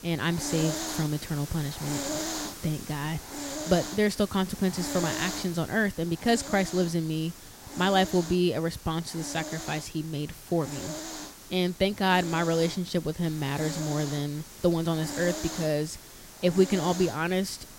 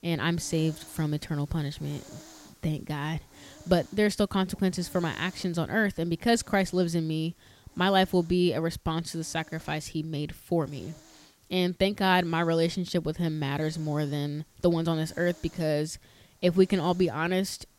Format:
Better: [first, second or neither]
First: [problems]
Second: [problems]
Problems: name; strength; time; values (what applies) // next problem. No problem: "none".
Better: second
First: hiss; loud; throughout; 9 dB below the speech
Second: hiss; faint; throughout; 25 dB below the speech